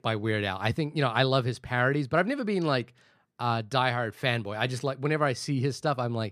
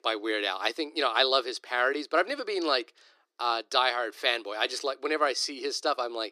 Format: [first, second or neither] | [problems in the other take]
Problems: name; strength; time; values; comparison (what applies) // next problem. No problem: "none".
first | thin; very; fading below 300 Hz